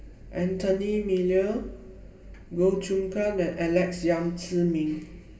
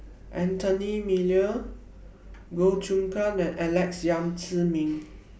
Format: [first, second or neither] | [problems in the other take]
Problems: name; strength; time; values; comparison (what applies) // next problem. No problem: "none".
second | room echo; dies away in 1 s